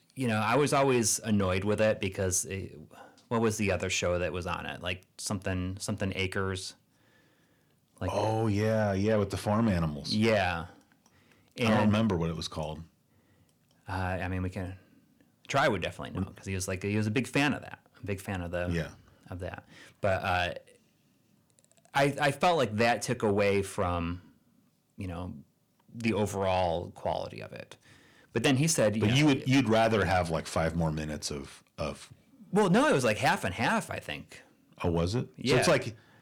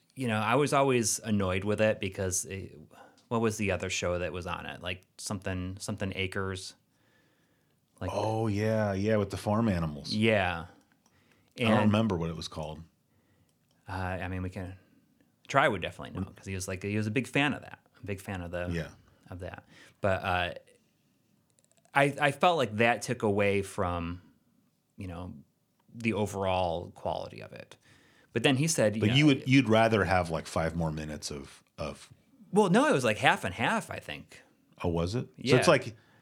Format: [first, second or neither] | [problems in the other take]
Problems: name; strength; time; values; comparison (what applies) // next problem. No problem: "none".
second | distortion; slight; 10 dB below the speech